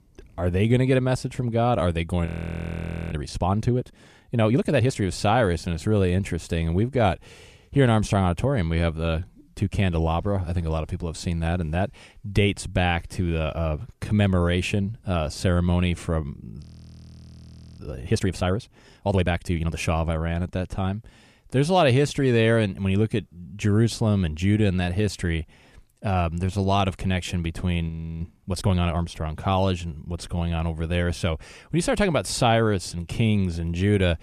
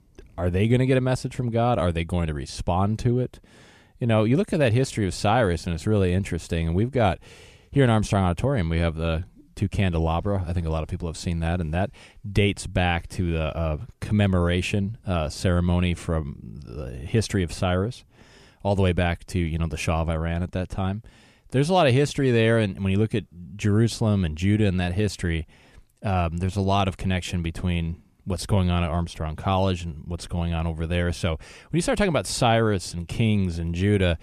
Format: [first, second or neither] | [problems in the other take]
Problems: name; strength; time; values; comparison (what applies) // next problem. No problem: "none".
second | audio freezing; at 2.5 s for 1 s, at 17 s for 1 s and at 28 s